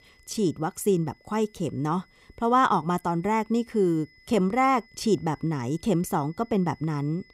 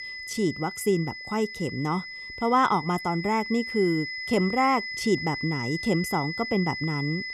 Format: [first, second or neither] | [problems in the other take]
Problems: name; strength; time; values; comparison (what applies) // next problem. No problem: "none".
first | high-pitched whine; loud; throughout; 2 kHz, 7 dB below the speech; faint in the first